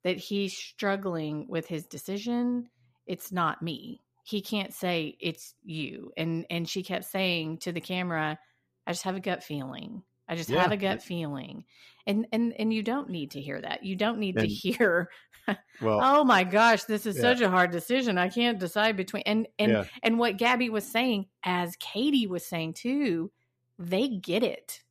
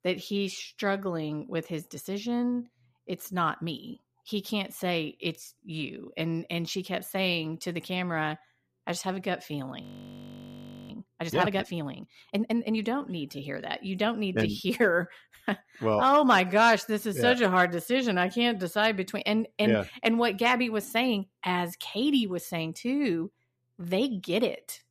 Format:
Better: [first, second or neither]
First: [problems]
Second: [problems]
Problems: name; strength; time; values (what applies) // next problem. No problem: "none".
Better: first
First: none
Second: audio freezing; at 10 s for 1 s